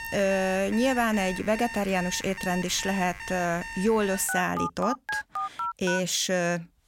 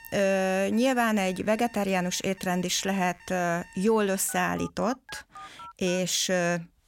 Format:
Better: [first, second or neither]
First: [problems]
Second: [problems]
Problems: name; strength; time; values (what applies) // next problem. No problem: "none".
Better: second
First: alarms or sirens; loud; throughout; 8 dB below the speech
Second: alarms or sirens; faint; throughout; 20 dB below the speech